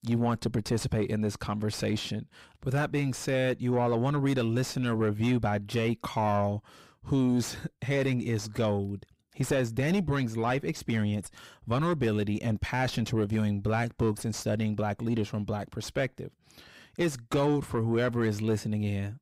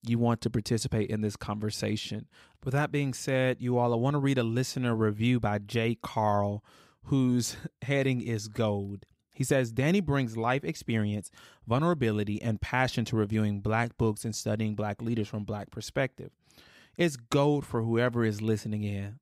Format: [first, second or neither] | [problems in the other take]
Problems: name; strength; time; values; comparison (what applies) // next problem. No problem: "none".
second | distortion; slight; 9 dB below the speech